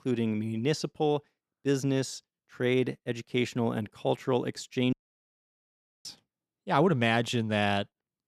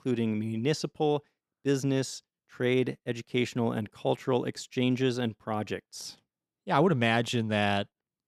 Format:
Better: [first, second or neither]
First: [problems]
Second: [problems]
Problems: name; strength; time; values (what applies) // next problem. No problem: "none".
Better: second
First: audio cutting out; at 5 s for 1 s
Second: none